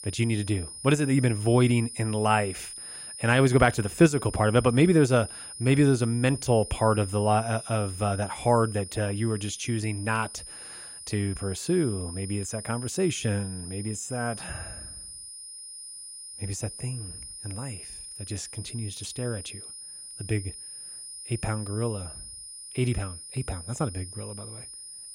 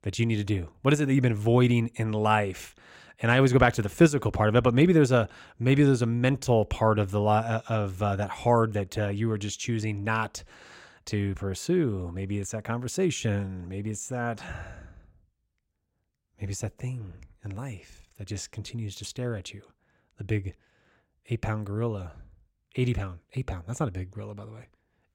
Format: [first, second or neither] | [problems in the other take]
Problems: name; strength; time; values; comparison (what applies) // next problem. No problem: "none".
second | high-pitched whine; noticeable; throughout; 9.5 kHz, 10 dB below the speech